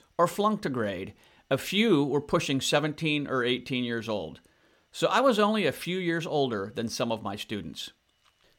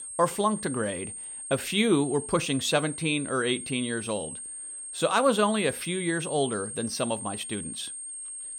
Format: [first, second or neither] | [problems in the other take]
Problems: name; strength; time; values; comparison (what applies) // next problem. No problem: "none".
first | high-pitched whine; loud; throughout; 8.5 kHz, 8 dB below the speech